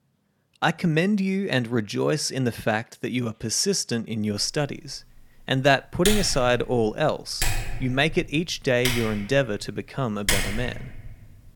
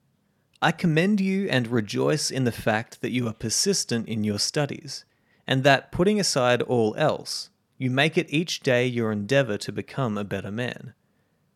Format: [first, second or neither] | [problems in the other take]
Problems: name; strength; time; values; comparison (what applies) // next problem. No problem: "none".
second | keyboard typing; loud; from 6 s on; peak 1 dB above the speech